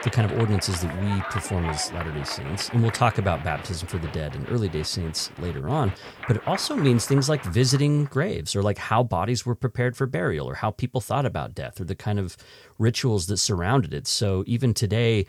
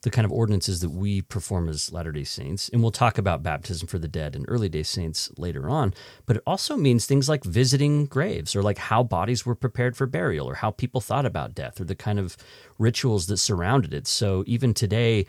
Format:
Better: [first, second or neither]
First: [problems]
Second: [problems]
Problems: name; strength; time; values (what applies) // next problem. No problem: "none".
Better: second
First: crowd noise; noticeable; until 7.5 s; 10 dB below the speech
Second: none